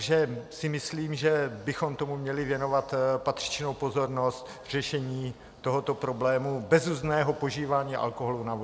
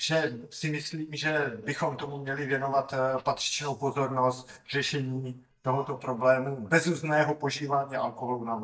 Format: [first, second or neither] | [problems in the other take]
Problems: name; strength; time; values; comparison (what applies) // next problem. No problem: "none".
first | noise reduction (neural mask model DeepFilterNet 3)